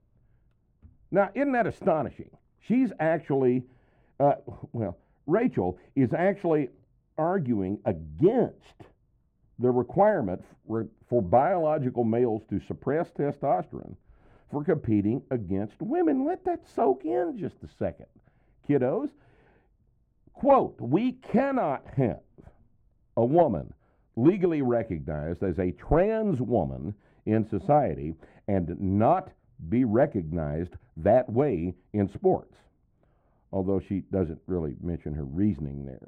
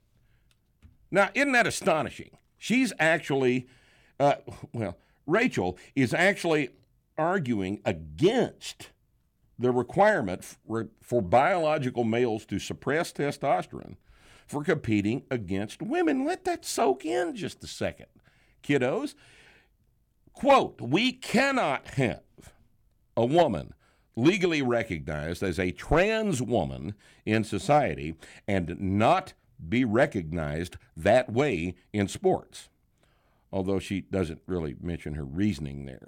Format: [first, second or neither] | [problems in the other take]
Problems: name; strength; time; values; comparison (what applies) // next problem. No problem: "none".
second | muffled; very; fading above 2 kHz